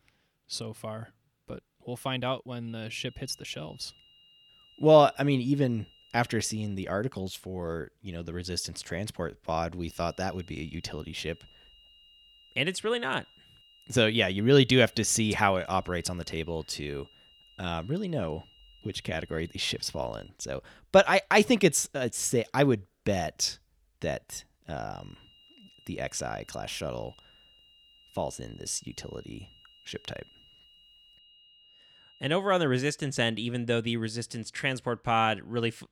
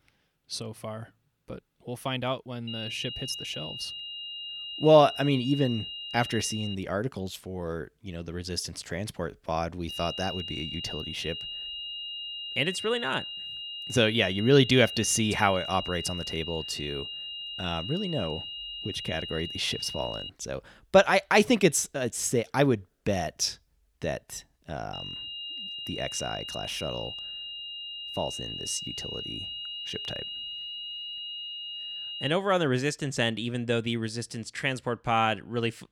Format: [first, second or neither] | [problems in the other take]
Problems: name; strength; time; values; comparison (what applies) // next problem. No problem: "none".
first | high-pitched whine; loud; from 2.5 to 7 s, from 10 to 20 s and from 25 to 32 s; 3 kHz, 7 dB below the speech; faint in the first